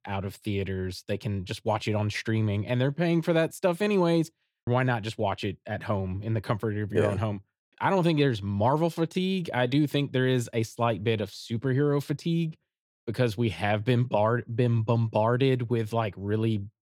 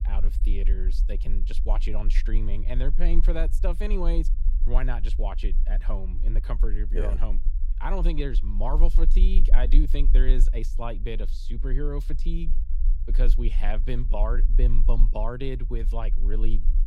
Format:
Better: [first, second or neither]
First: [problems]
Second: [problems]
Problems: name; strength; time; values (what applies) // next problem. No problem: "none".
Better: first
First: none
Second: low rumble; noticeable; throughout; 15 dB below the speech